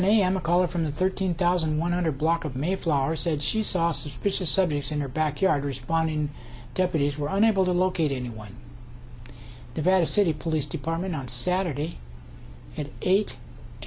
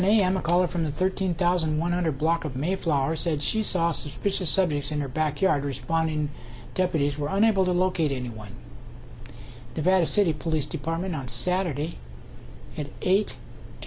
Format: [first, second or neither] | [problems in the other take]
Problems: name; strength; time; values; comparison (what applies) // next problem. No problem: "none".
first | background sound (Fire); 11 dB below the speech